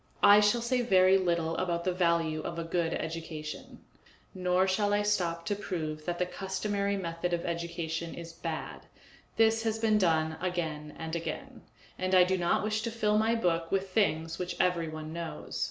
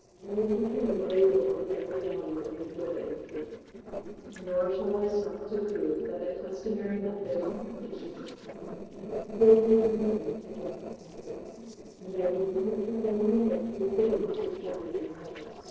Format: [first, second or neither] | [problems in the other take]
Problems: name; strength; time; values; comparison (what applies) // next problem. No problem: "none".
first | noise reduction (neural separator model SepFormer DNS4)